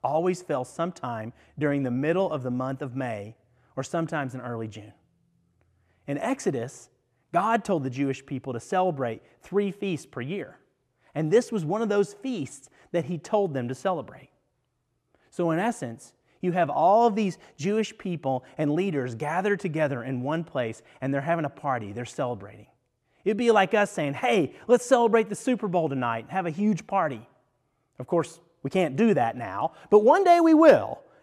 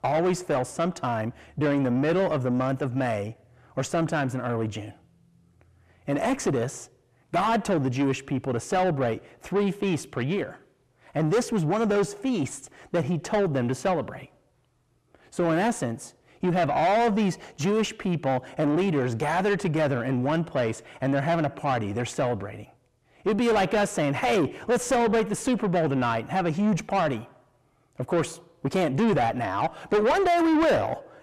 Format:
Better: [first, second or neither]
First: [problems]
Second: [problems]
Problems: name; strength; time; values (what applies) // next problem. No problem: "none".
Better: first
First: none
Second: distortion; heavy; 5 dB below the speech